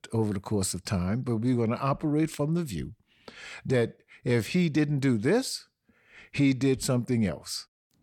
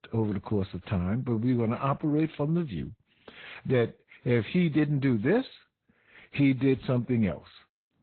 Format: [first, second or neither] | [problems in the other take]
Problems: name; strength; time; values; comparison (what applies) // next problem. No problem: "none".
first | garbled, watery; badly; nothing above 4 kHz